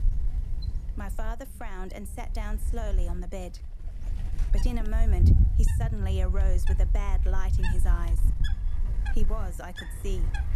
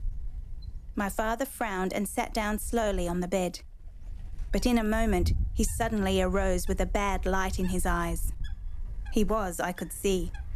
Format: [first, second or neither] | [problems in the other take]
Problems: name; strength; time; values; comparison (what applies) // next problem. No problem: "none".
second | wind noise on the microphone; heavy; 4 dB below the speech; occasional gusts in the second